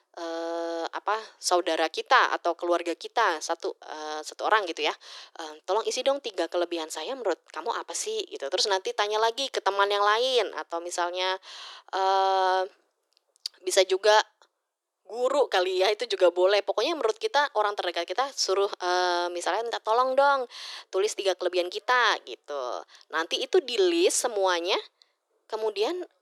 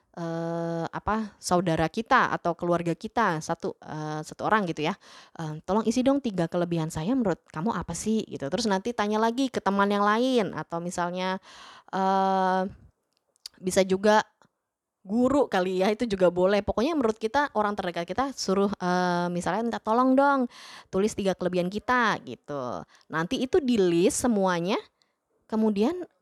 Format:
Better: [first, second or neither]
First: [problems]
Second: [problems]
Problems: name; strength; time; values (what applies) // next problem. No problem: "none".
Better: second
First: thin; very; fading below 350 Hz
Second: none